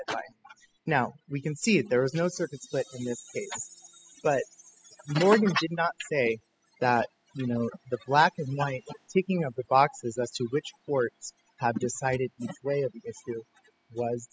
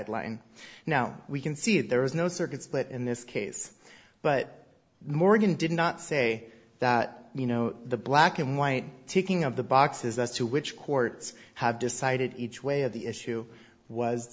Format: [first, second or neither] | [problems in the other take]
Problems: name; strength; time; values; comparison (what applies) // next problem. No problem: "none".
second | noise reduction (classical method spectral subtraction)